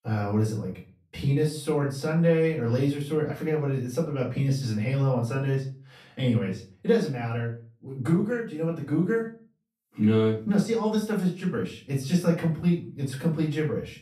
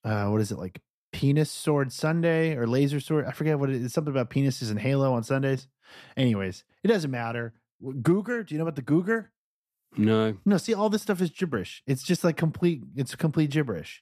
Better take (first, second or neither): second